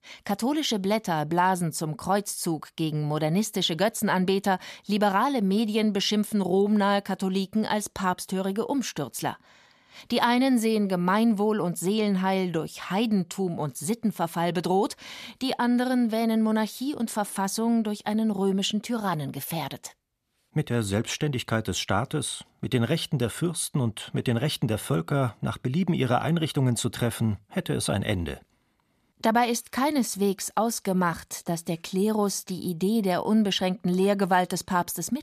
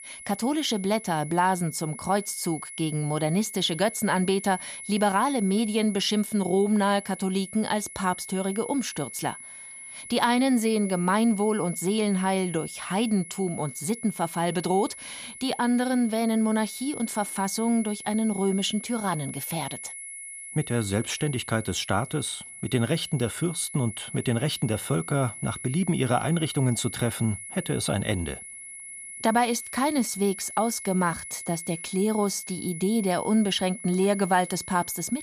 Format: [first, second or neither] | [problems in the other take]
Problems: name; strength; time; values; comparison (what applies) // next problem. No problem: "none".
first | high-pitched whine; noticeable; throughout; 10.5 kHz, 10 dB below the speech